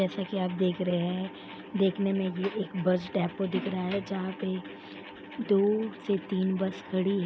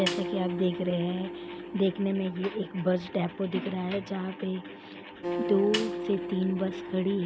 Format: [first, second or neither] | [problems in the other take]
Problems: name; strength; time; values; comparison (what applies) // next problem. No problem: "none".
first | background sound (Snare drum + Acoustic guitar); 7 dB below the speech